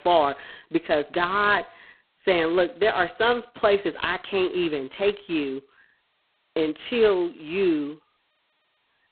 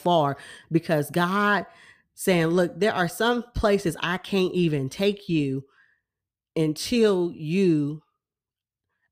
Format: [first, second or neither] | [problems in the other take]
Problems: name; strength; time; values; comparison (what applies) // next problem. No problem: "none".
second | phone-call audio; poor line; nothing above 4 kHz